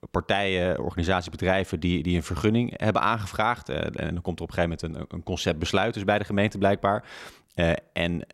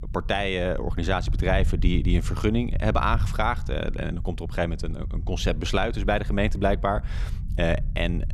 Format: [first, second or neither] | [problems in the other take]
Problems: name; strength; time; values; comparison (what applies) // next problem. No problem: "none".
first | low rumble; faint; throughout; 20 dB below the speech